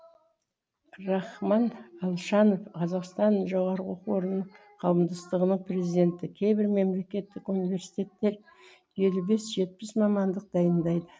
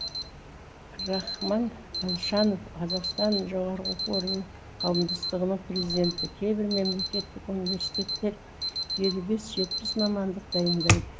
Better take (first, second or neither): first